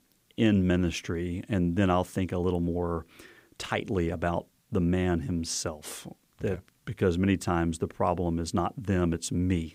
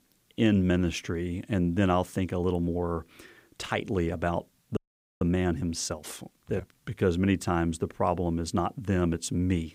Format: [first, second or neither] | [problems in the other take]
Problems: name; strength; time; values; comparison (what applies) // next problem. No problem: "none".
first | audio freezing; at 5 s